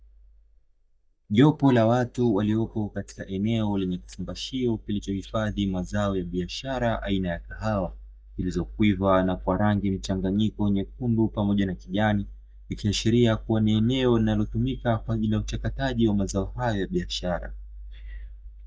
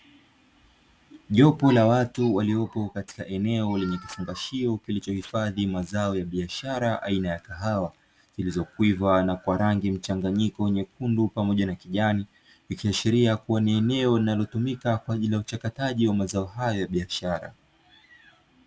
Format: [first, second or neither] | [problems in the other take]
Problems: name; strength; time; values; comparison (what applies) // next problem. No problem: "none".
second | noise reduction (neural mask model DeepFilterNet 3)